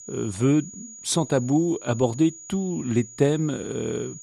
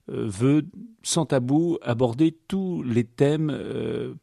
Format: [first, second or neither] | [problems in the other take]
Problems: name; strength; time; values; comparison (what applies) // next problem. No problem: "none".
second | high-pitched whine; noticeable; throughout; 7 kHz, 15 dB below the speech